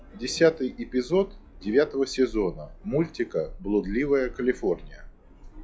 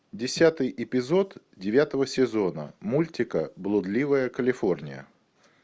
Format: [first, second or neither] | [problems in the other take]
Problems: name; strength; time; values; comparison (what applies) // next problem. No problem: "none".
second | noise reduction (classical method log-MMSE)